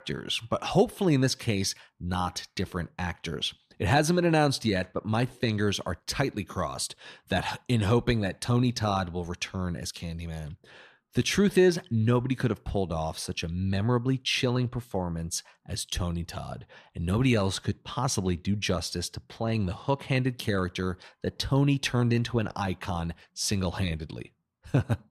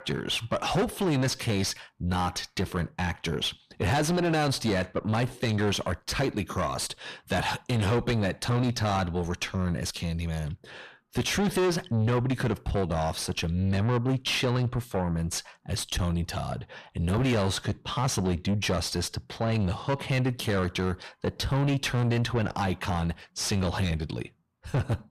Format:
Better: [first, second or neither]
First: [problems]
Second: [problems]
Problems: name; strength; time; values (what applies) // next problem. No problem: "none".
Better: first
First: none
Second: distortion; heavy; 6 dB below the speech